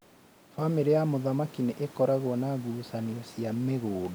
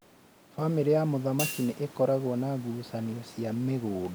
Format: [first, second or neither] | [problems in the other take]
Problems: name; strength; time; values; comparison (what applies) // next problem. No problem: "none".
first | background sound (Hi-hat); 11 dB below the speech